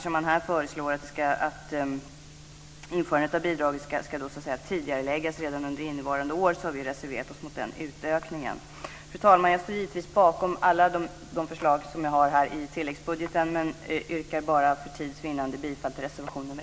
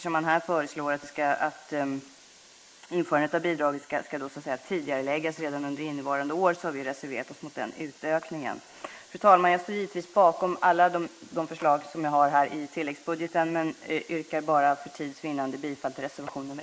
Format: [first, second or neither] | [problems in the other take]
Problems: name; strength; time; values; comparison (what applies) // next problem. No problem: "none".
first | noise reduction (neural mask model Resemble Enhance denoiser)